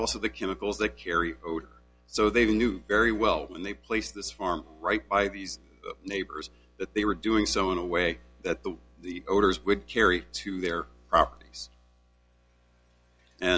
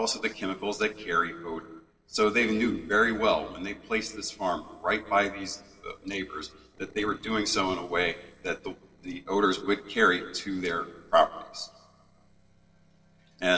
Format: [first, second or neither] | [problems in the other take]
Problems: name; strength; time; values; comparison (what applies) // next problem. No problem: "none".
first | noise reduction (neural separator model SepFormer DNS4)